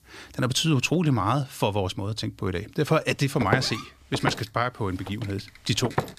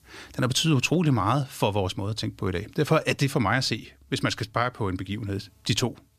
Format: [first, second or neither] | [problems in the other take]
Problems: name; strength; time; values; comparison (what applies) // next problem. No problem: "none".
second | footsteps; noticeable; from 3.5 s on; peak 3 dB below the speech